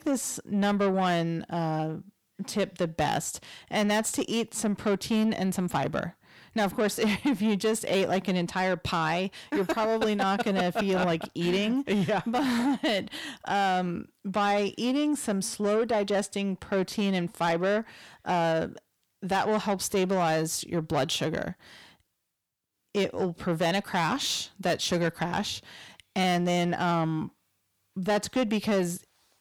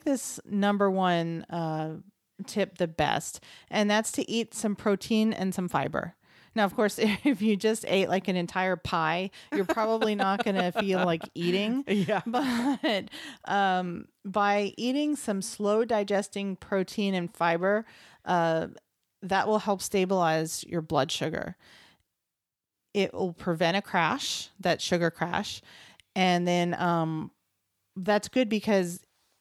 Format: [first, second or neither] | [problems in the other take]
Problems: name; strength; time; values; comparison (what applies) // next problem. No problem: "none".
second | distortion; slight; 10 dB below the speech